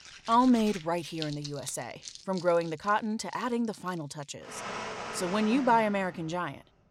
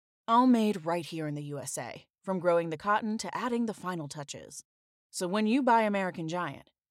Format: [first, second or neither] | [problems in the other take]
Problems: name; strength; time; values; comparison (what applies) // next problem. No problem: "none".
second | household noises; noticeable; throughout; 10 dB below the speech